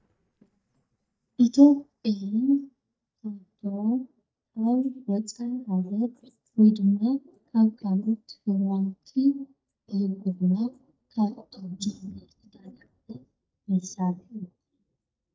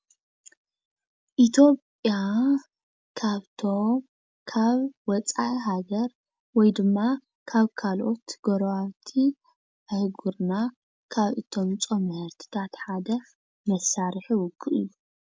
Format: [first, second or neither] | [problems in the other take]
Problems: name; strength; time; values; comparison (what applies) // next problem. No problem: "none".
second | noise reduction (neural mask model DeepFilterNet 3)